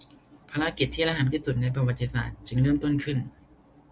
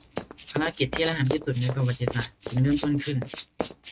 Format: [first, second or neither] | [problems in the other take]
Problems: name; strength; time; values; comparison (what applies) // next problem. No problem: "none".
first | noise reduction (neural mask model RNNoise)